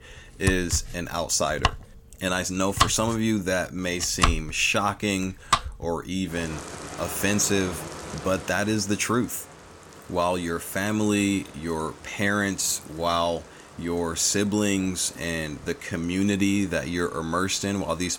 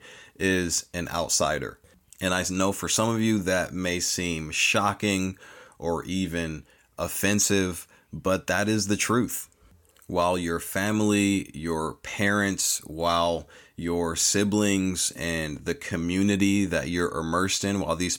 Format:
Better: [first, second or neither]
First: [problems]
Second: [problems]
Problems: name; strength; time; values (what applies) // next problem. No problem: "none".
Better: second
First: household noises; loud; throughout; 4 dB below the speech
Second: none